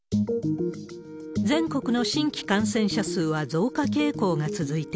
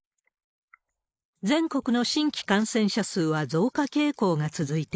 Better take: first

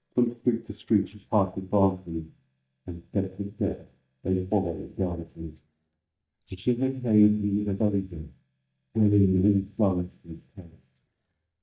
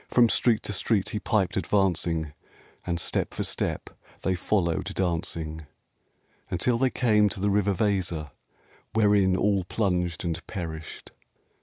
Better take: second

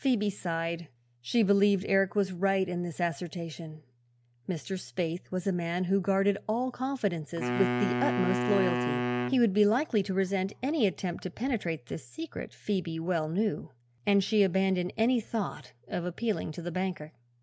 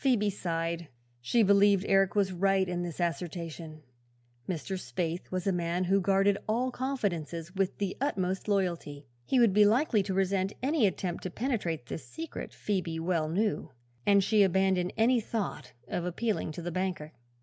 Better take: second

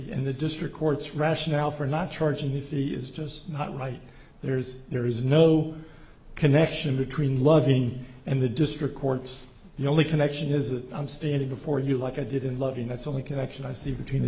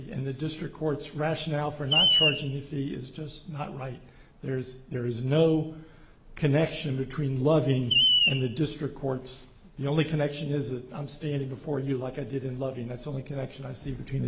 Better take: first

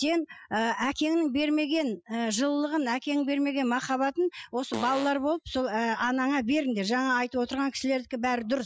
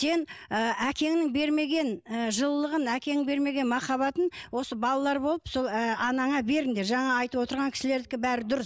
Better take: second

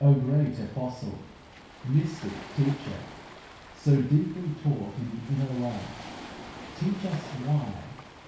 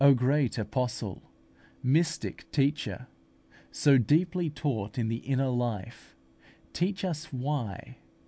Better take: second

